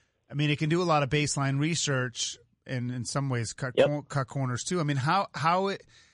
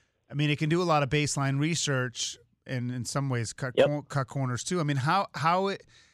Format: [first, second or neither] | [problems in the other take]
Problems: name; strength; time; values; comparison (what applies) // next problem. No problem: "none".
second | garbled, watery; slightly; nothing above 10 kHz